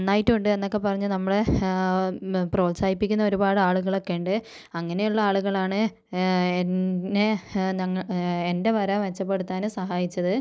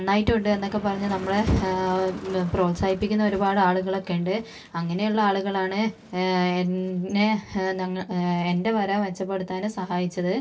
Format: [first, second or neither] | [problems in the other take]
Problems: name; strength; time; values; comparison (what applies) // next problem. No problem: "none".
first | background sound (Motor vehicle (road)); 19 dB below the speech // room echo; dies away in 0.2 s